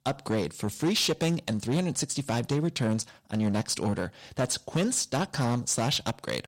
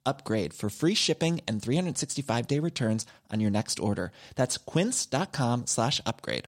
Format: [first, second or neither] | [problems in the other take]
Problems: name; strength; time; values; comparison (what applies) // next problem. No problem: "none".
second | distortion; slight; 8% of the sound clipped